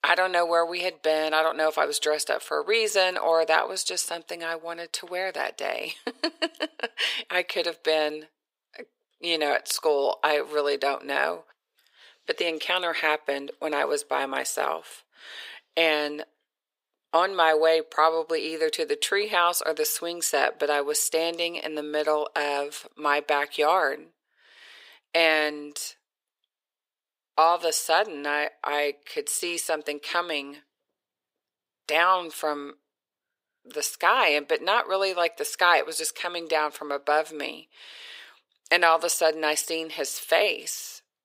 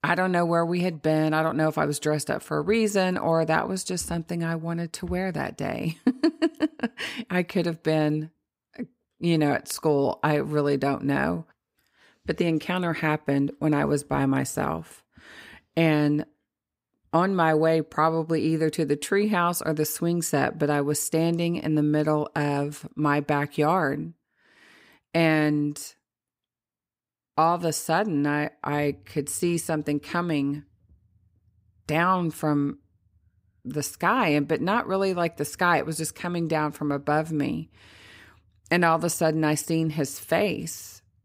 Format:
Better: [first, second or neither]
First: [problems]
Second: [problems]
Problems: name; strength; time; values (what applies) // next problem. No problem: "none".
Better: second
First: thin; very; fading below 500 Hz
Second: none